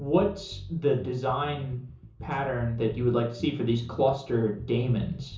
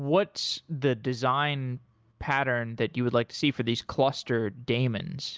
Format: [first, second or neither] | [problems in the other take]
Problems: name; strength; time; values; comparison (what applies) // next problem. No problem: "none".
second | background sound (Bass guitar); 16 dB below the speech // room echo; dies away in 0.6 s